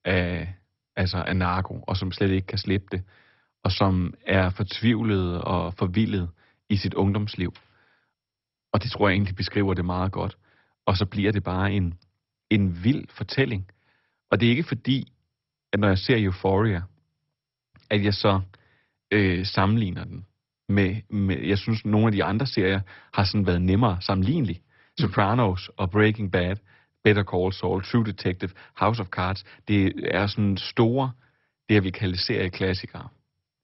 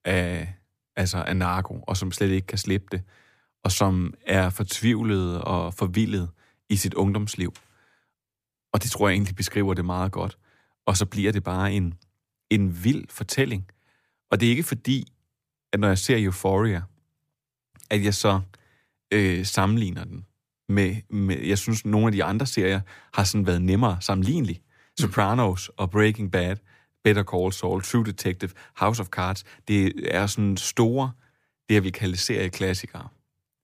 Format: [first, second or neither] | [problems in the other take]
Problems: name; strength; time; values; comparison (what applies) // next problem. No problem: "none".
second | garbled, watery; badly; nothing above 5.5 kHz